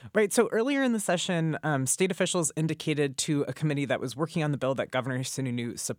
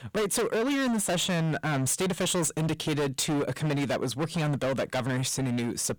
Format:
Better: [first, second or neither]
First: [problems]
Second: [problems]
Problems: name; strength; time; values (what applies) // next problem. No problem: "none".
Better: first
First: none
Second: distortion; heavy; 32% of the sound clipped